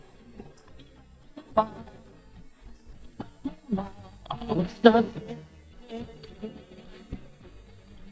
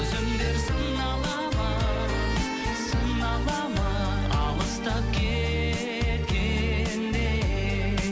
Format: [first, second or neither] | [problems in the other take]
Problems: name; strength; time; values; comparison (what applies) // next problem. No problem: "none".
second | noise reduction (neural mask model DeepFilterNet 3)